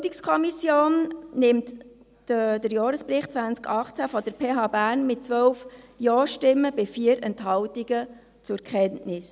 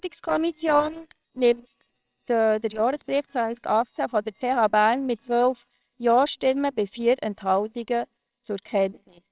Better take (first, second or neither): first